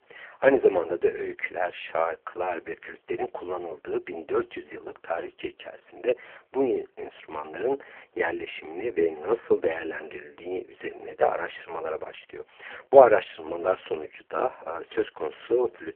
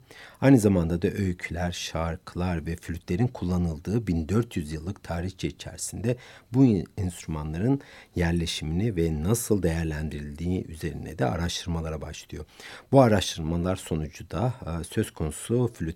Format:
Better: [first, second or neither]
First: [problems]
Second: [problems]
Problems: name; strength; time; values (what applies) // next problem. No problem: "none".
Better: second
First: phone-call audio; poor line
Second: none